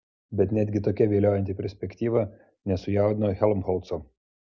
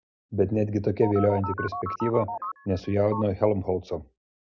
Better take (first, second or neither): first